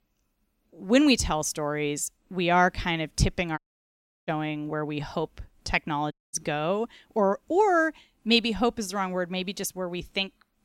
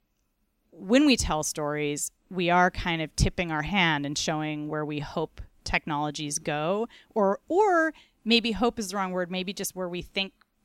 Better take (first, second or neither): second